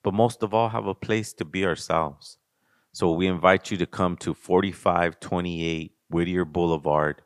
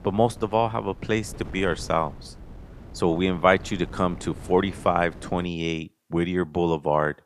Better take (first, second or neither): first